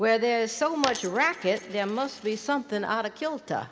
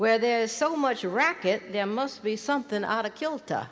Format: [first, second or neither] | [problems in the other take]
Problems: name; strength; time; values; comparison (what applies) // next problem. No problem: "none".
second | background sound (Coin (dropping)); 12 dB below the speech